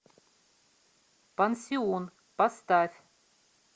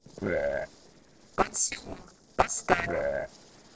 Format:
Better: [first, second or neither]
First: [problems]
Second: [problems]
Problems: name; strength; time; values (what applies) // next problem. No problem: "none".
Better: first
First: none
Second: noise reduction (neural separator model SepFormer DNS4)